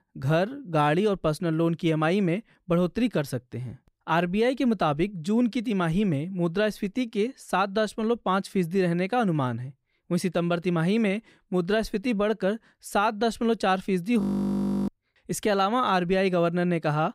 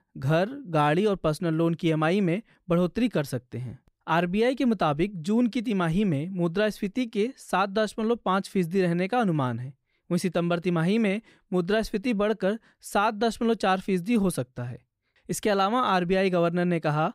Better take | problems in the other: second | audio freezing; at 14 s for 0.5 s

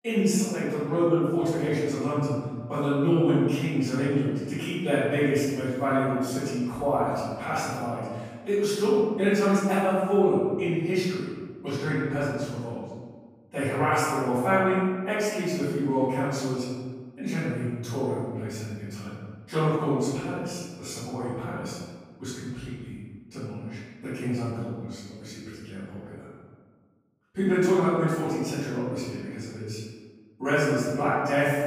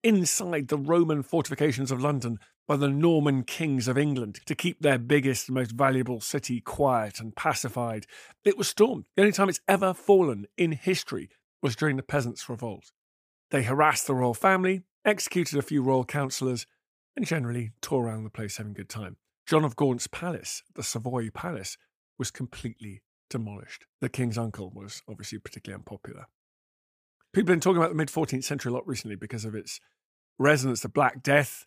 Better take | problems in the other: second | off-mic speech; far // room echo; strong; dies away in 1.4 s

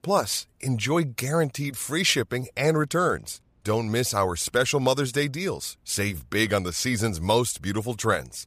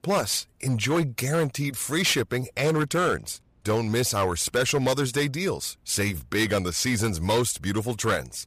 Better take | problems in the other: first | distortion; slight; 8% of the sound clipped

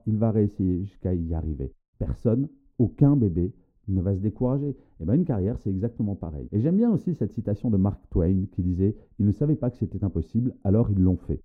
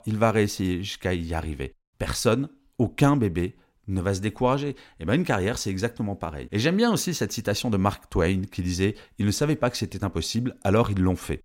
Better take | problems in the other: second | muffled; very; fading above 1 kHz

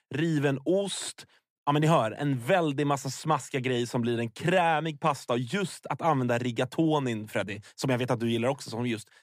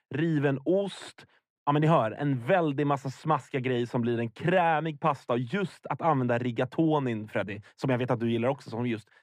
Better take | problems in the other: first | muffled; slightly; fading above 4 kHz

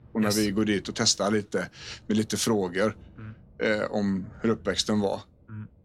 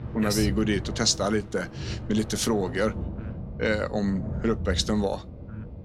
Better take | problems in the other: first | rain or running water; loud; throughout; 8 dB below the speech; faint in the first

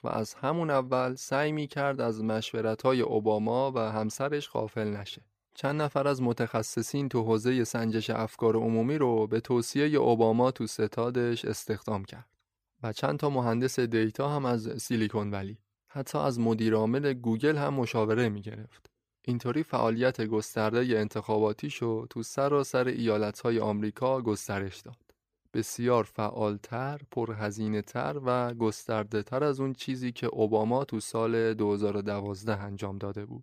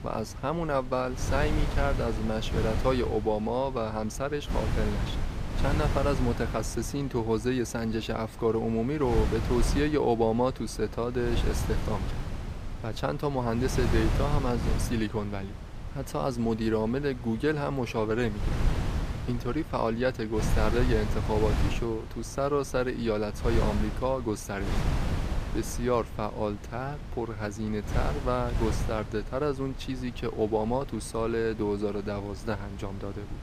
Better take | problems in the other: first | wind noise on the microphone; heavy; 10 dB below the speech

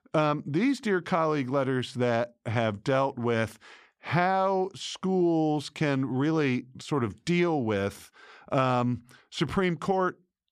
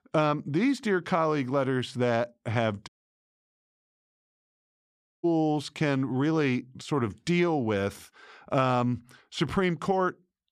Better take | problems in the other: first | audio cutting out; at 3 s for 2.5 s

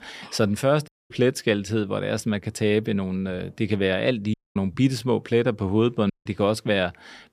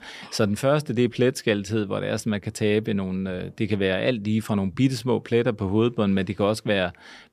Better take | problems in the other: second | audio cutting out; at 1 s, at 4.5 s and at 6 s

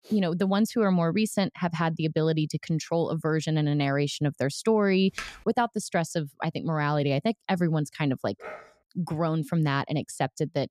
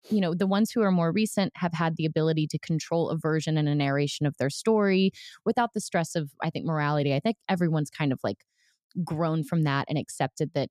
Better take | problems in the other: second | keyboard typing; faint; at 5 s; peak 10 dB below the speech // dog barking; faint; at 8.5 s; peak 15 dB below the speech

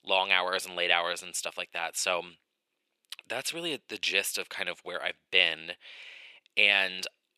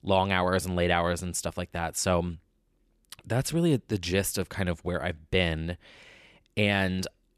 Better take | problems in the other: second | thin; very; fading below 550 Hz

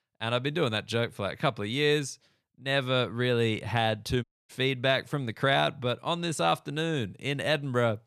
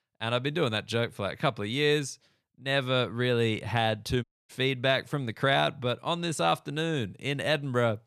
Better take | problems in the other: neither | audio cutting out; at 4 s; the same in both

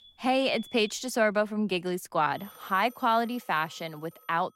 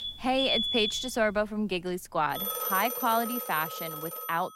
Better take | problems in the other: first | alarms or sirens; loud; throughout; 2 dB below the speech; faint in the first

